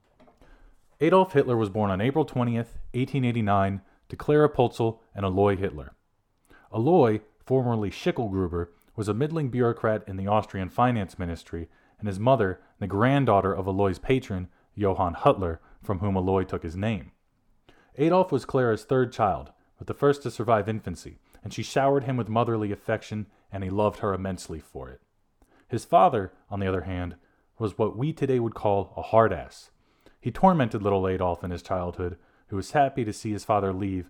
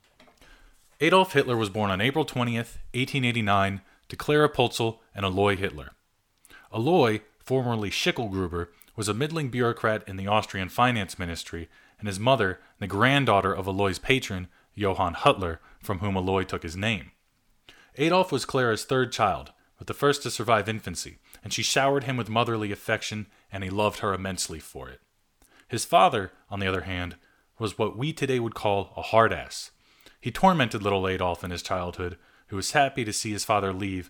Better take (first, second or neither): second